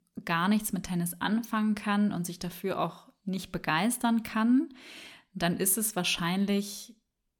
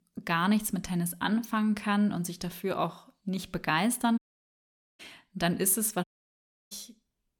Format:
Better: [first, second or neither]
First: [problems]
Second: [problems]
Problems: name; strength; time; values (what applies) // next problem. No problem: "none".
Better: first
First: none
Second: audio cutting out; at 4 s for 1 s and at 6 s for 0.5 s